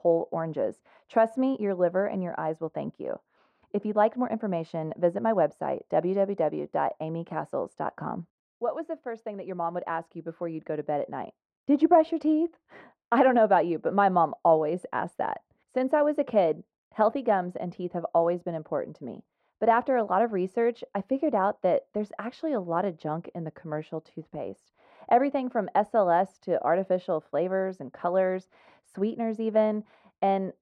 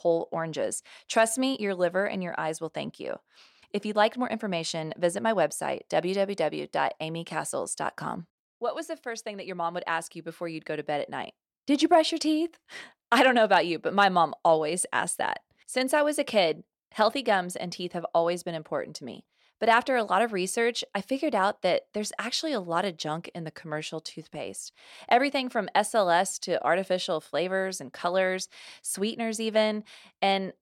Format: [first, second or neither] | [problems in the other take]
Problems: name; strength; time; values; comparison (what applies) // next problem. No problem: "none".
second | muffled; very; fading above 2.5 kHz